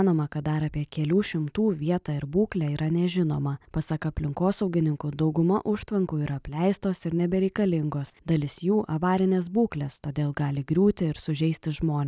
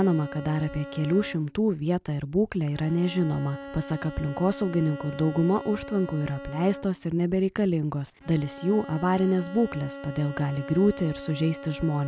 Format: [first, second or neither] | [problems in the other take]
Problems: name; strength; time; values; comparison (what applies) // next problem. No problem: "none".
first | background sound (Bowed string instrument); 14 dB below the speech